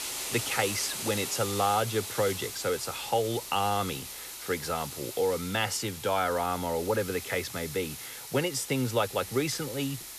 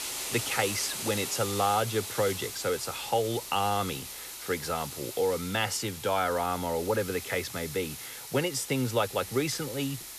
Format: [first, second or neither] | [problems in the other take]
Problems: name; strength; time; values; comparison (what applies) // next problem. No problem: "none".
neither | hiss; loud; throughout; 7 dB below the speech; the same in both